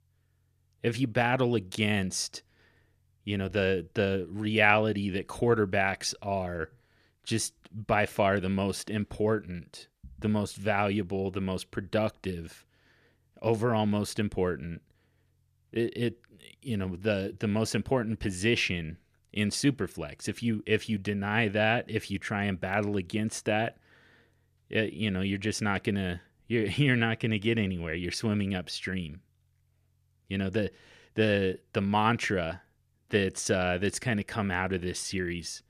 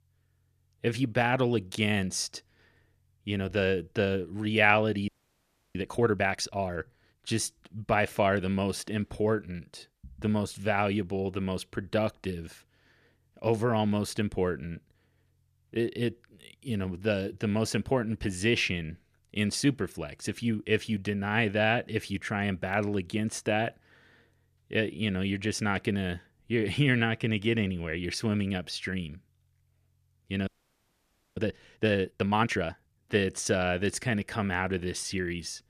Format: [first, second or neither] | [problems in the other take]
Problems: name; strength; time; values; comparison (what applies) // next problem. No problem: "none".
first | audio freezing; at 5 s for 0.5 s and at 30 s for 1 s